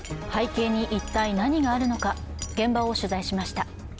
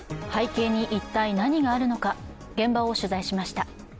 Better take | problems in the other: second | background sound (Wind chime); 11 dB below the speech

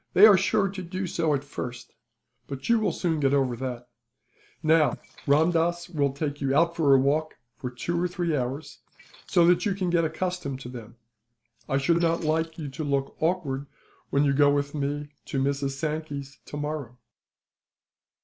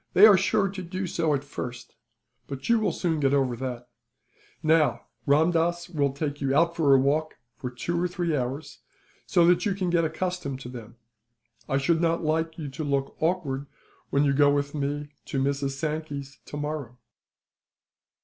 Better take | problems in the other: second | noise reduction (neural mask model Resemble Enhance denoiser)

